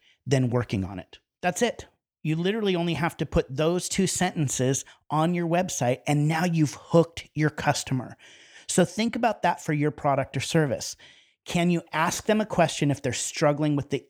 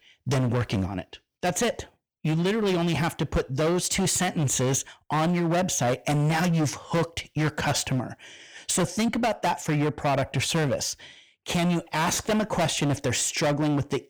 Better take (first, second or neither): first